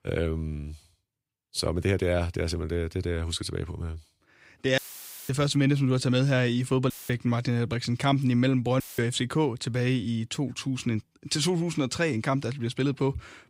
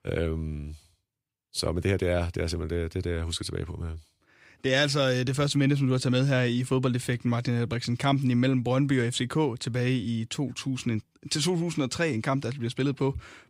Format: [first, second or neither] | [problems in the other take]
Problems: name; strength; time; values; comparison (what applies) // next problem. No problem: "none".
second | audio cutting out; filled with static; at 5 s for 0.5 s, at 7 s and at 9 s